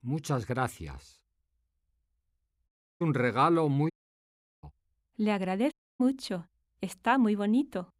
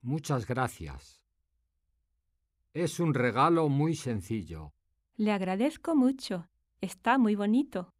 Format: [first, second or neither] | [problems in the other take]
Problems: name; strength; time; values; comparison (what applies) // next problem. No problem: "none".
second | audio cutting out; at 2.5 s, at 4 s for 0.5 s and at 5.5 s